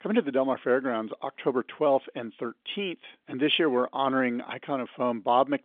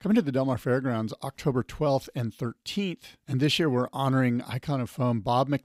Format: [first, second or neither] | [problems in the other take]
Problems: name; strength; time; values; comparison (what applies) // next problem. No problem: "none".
second | phone-call audio; nothing above 3.5 kHz